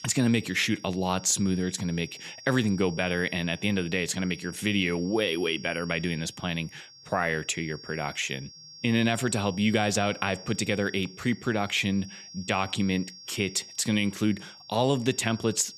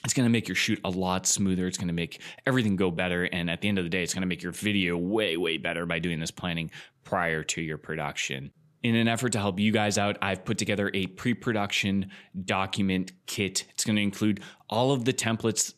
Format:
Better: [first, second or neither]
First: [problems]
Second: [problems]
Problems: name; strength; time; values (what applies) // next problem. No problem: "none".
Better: second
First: high-pitched whine; noticeable; throughout; 5.5 kHz, 15 dB below the speech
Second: none